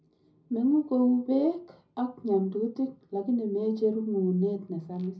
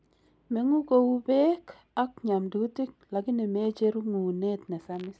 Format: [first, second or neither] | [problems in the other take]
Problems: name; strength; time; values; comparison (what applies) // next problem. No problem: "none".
second | room echo; dies away in 0.4 s